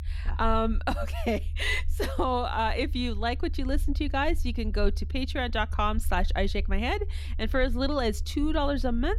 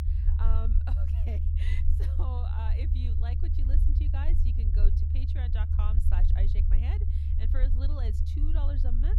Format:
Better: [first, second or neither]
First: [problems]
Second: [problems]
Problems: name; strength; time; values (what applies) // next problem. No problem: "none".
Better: first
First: low rumble; faint; throughout; 25 dB below the speech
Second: low rumble; loud; throughout; 1 dB below the speech